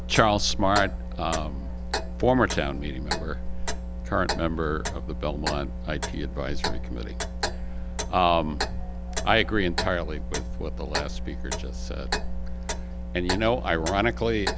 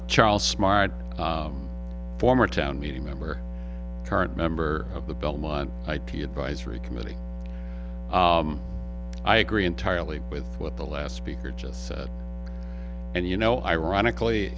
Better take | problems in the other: second | background sound (Clock); 5 dB below the speech

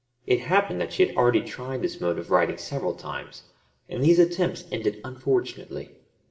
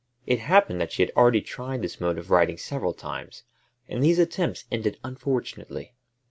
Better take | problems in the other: second | room echo; dies away in 1.4 s

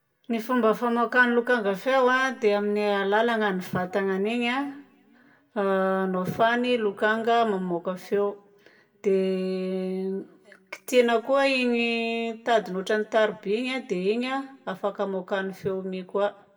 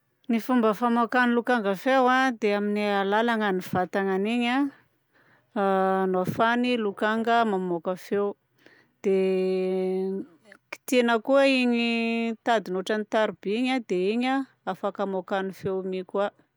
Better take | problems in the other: second | room echo; dies away in 0.6 s

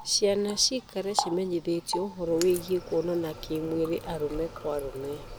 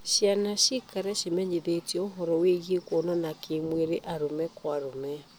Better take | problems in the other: second | background sound (Water tap, faucet); 11 dB below the speech

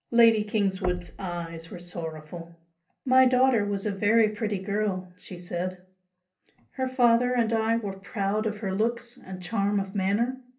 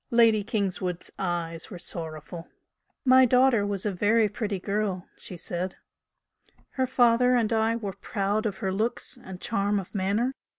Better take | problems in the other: second | background sound (Knock); 14 dB below the speech // room echo; dies away in 0.3 s

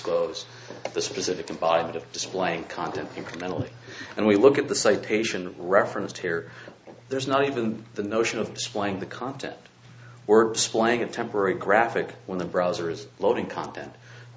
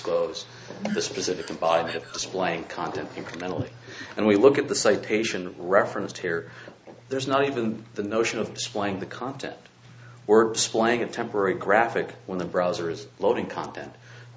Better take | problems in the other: first | background sound (Whoosh, swoosh, swish + Breathing); 13 dB below the speech

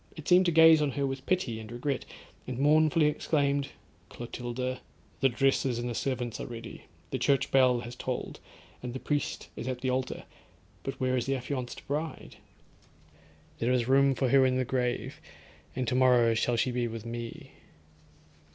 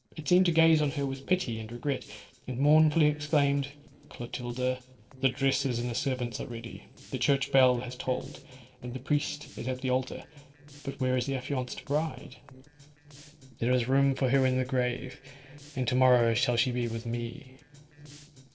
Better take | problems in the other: first | noise reduction (neural separator model SepFormer DNS4)

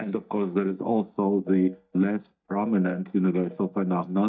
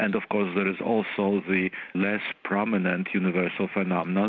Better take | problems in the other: second | noise reduction (neural mask model DeepFilterNet 3)

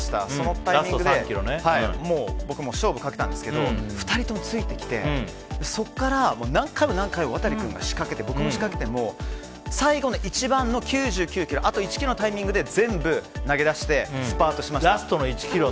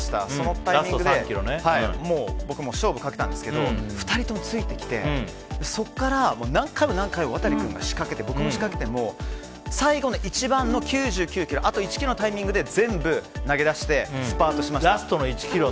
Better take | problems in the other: first | background sound (Brass instrument); 9 dB below the speech

